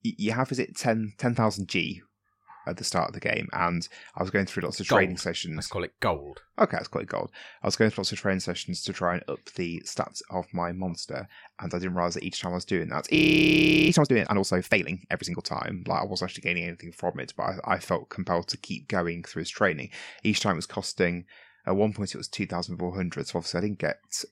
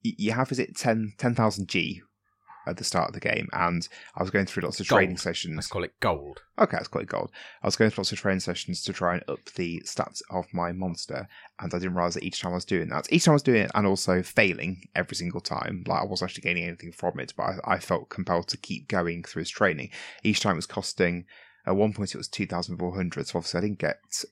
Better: second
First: audio freezing; at 13 s for 0.5 s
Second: none

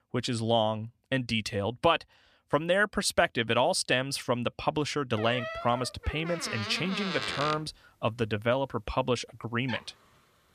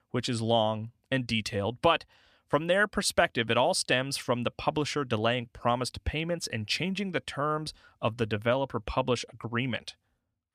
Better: second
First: door banging; noticeable; from 5 to 10 s; peak 4 dB below the speech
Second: none

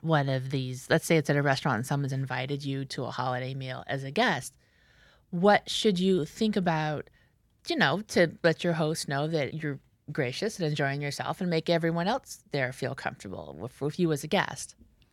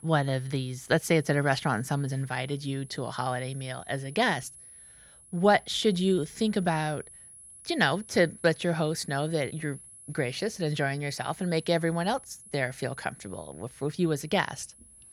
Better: first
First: none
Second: high-pitched whine; noticeable; throughout; 10.5 kHz, 20 dB below the speech

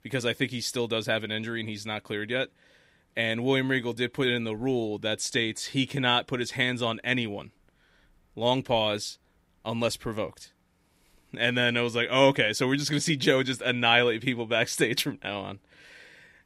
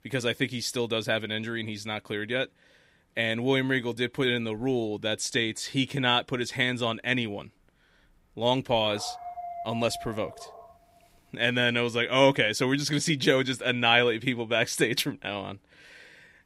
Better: first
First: none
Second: dog barking; faint; from 9 to 11 s; peak 10 dB below the speech

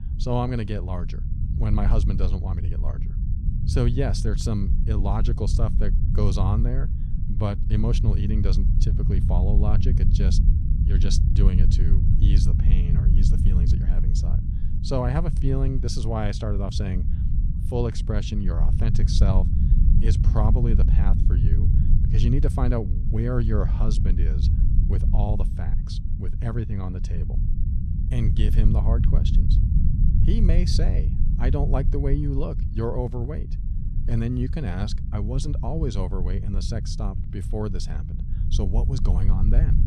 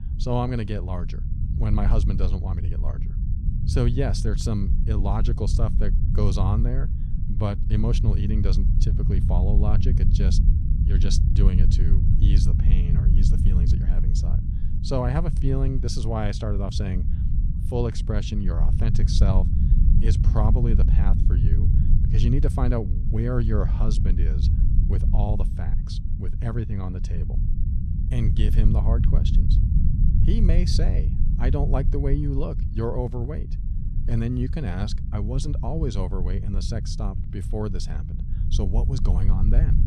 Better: neither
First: low rumble; loud; throughout; 6 dB below the speech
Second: low rumble; loud; throughout; 6 dB below the speech

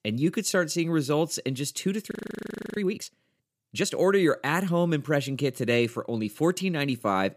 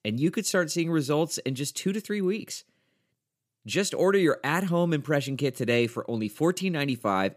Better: second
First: audio freezing; at 2 s for 0.5 s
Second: none

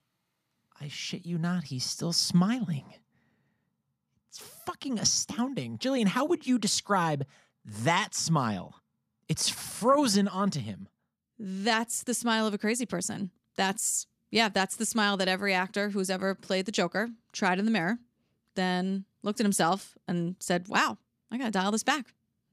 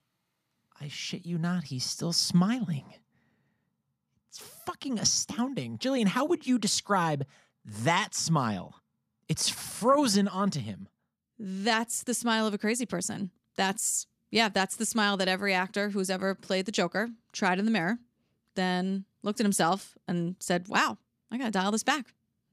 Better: neither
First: none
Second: none

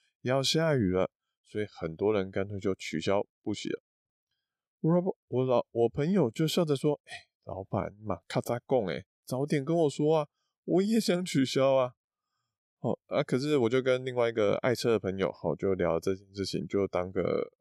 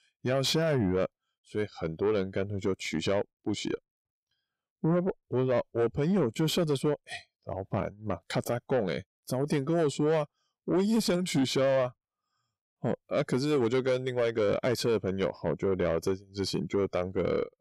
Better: first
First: none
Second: distortion; slight; 10 dB below the speech

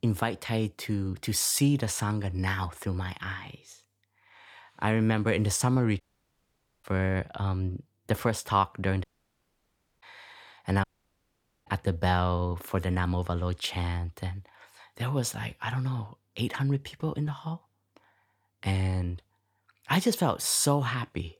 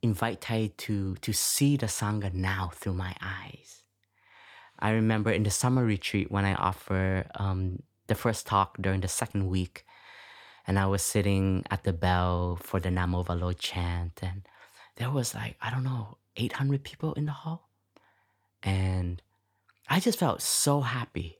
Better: second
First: audio cutting out; at 6 s for 1 s, at 9 s for 1 s and at 11 s for 1 s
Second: none

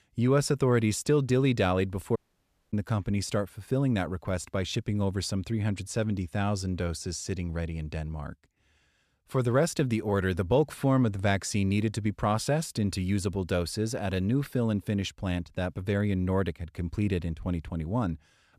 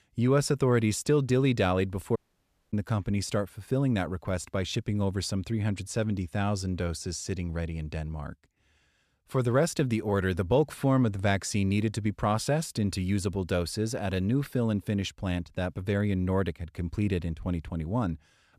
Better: neither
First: audio cutting out; at 2 s for 0.5 s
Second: audio cutting out; at 2 s for 0.5 s

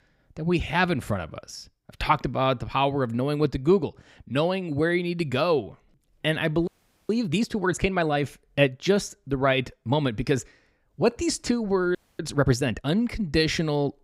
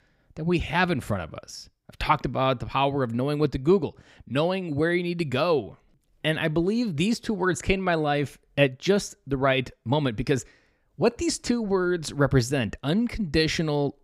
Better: second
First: audio freezing; at 6.5 s and at 12 s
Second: none

